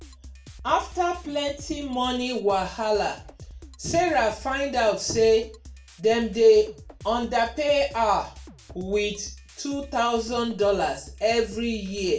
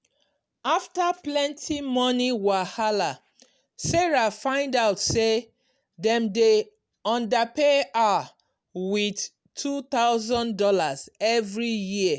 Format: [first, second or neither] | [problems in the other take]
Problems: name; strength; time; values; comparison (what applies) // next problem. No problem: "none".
second | background sound (Drum kit); 19 dB below the speech // room echo; dies away in 0.3 s